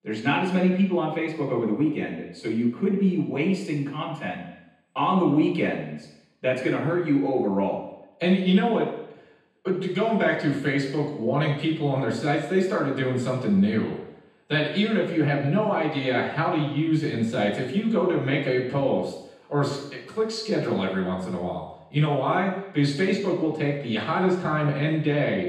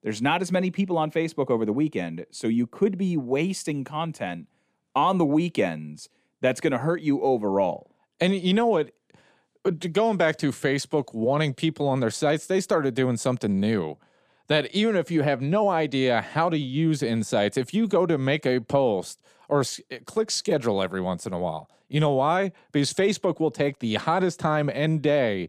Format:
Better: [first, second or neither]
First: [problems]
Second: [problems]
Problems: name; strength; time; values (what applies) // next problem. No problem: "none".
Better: second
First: room echo; noticeable; dies away in 0.9 s // off-mic speech; far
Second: none